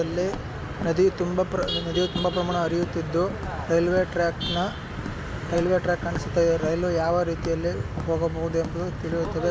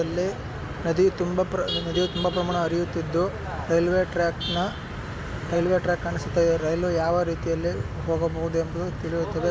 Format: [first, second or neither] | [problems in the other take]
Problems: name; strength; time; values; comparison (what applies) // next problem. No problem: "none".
second | background sound (Walk, footsteps); 15 dB below the speech